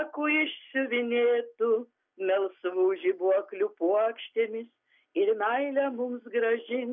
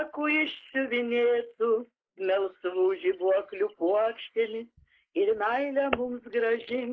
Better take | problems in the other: first | noise reduction (neural mask model Resemble Enhance denoiser)

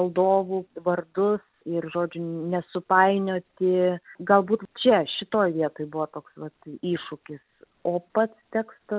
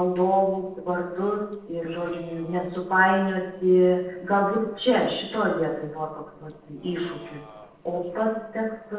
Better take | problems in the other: first | noise reduction (neural separator model SepFormer DNS4)

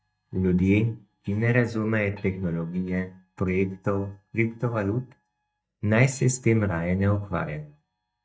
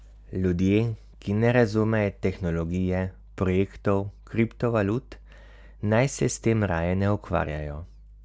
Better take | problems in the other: second | noise reduction (neural mask model DeepFilterNet 3)

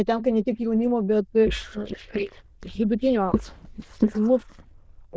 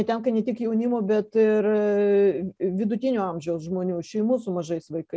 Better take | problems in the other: second | noise reduction (neural diffusion model UNIVERSE++)

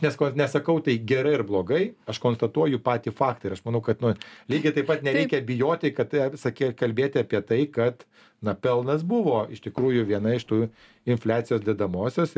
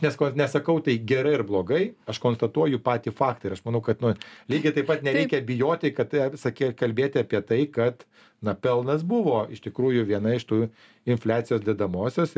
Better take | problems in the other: second | background sound (Fireworks); 20 dB below the speech

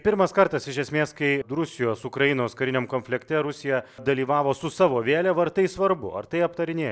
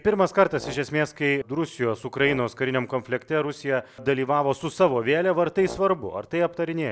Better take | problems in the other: first | background sound (Brass instrument); 19 dB below the speech

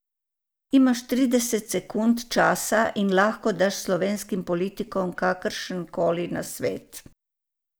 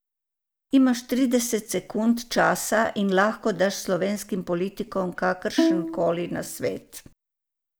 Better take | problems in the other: first | background sound (Bowed string instrument); 1 dB below the speech

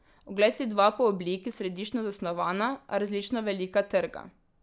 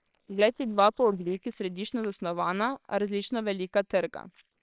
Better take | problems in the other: first | noise reduction (neural separator model SepFormer WHAMR!)

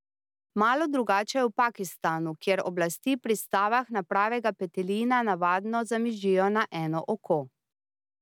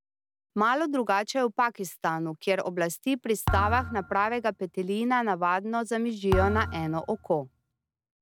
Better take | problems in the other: first | background sound (Thump, thud); 6 dB below the speech

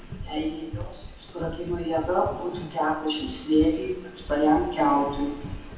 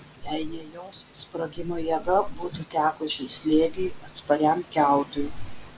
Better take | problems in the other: second | background sound (Run); 12 dB below the speech // room echo; dies away in 0.9 s

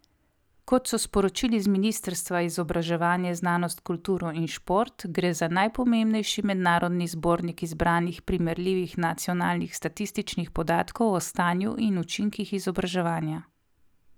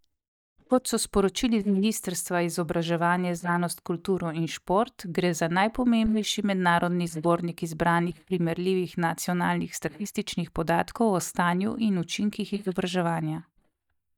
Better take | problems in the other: first | noise reduction (neural mask model DeepFilterNet 3)

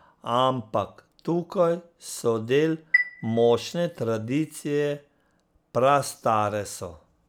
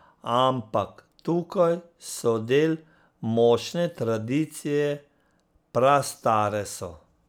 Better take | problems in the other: second | background sound (Chime); 5 dB below the speech

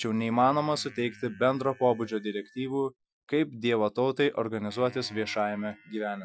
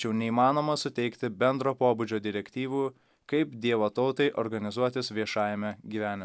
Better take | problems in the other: second | noise reduction (classical method Wiener filter)

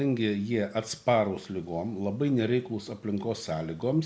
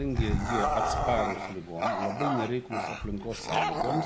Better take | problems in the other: first | background sound (Bark / Growling); 3 dB above the speech

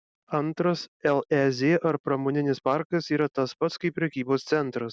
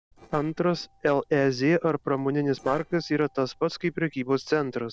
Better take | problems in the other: first | noise reduction (neural separator model SepFormer DNS4)

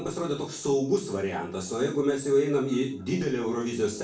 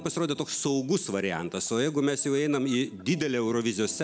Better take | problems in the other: second | room echo; dies away in 0.4 s

